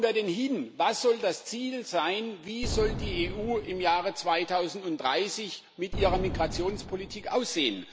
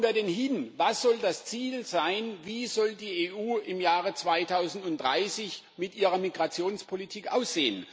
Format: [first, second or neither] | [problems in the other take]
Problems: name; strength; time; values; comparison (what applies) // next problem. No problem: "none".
second | background sound (Boom); 7 dB below the speech